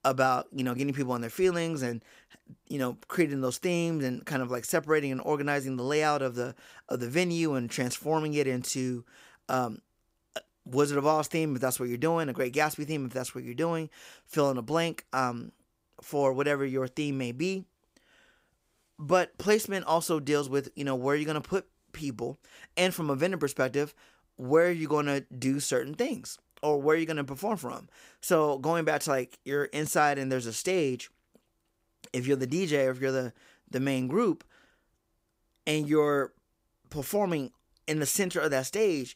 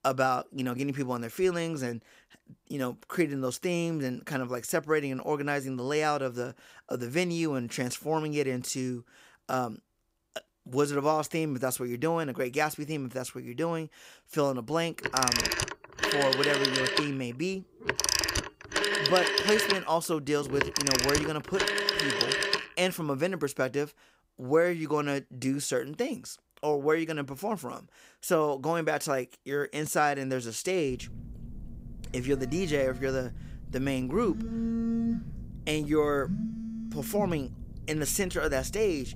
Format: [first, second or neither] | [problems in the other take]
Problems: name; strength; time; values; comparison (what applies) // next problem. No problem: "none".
first | phone ringing; loud; from 15 to 23 s and from 31 s on; peak 5 dB above the speech